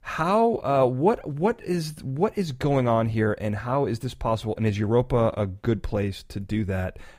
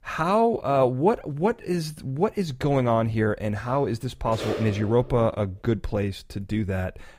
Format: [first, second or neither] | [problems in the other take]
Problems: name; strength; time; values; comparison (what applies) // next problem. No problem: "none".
first | phone ringing; noticeable; from 3.5 to 5.5 s; peak 7 dB below the speech